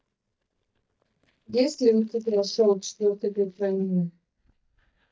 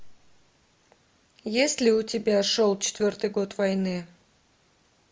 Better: second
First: noise reduction (neural mask model DeepFilterNet 3)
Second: none

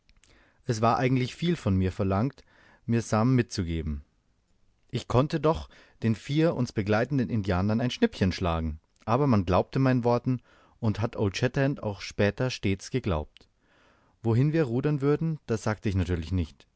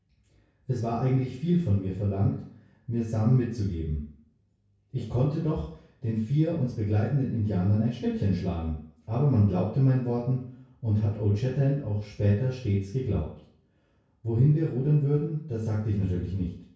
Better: first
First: none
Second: room echo; dies away in 0.6 s

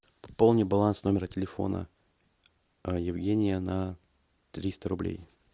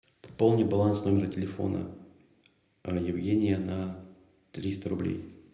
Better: first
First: none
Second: room echo; dies away in 0.7 s

